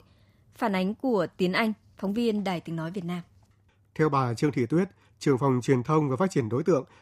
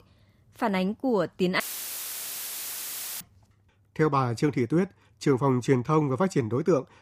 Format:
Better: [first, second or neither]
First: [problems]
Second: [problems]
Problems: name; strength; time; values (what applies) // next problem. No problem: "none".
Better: first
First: none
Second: audio cutting out; filled with static; at 1.5 s for 1.5 s